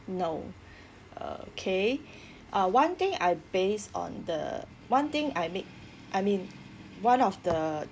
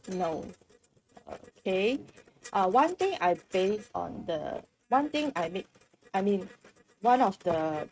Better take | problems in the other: first | noise reduction (neural mask model RNNoise)

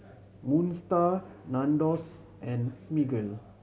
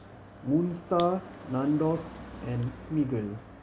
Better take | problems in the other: first | background sound (Fire + Car passing by); 15 dB below the speech

